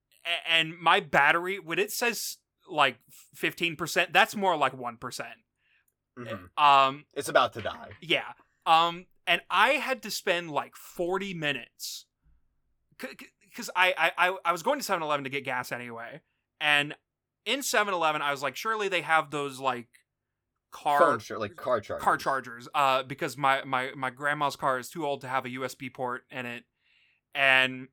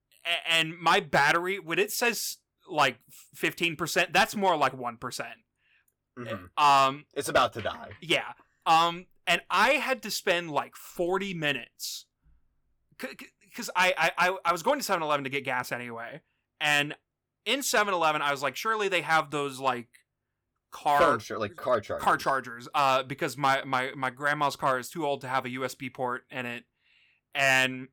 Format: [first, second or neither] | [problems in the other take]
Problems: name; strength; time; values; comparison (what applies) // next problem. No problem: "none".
first | distortion; slight; 1.5% of the sound clipped